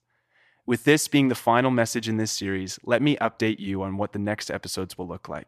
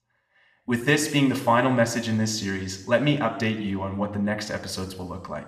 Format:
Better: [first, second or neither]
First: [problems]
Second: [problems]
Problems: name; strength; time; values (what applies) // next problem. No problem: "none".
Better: first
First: none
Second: room echo; slight; dies away in 1 s